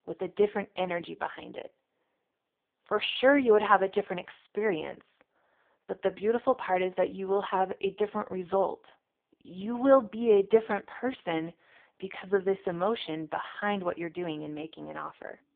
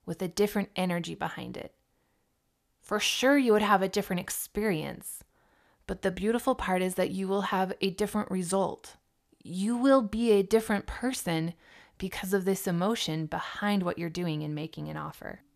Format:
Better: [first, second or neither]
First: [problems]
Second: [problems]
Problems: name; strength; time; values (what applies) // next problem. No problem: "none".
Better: second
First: phone-call audio; poor line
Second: none